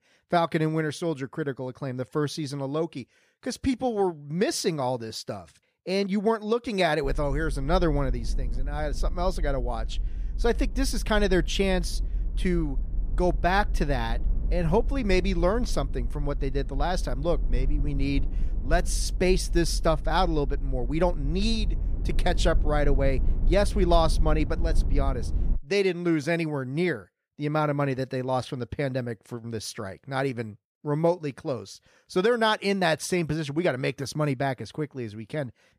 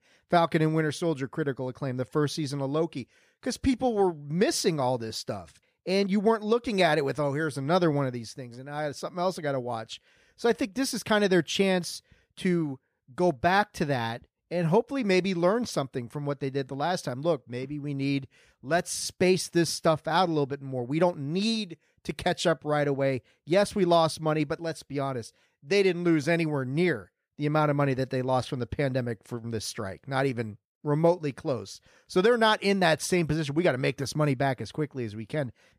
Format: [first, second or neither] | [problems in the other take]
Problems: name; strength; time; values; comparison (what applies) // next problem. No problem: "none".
second | low rumble; faint; from 7 to 26 s; 20 dB below the speech